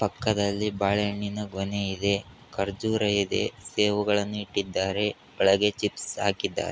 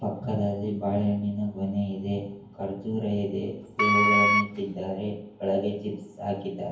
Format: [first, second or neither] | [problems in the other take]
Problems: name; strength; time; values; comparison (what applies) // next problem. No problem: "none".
first | background sound (Wind instrument, woodwind instrument); 5 dB above the speech // room echo; dies away in 0.9 s